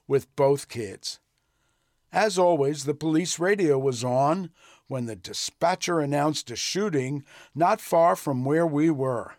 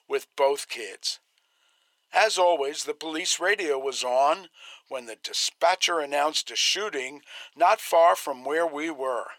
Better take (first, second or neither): first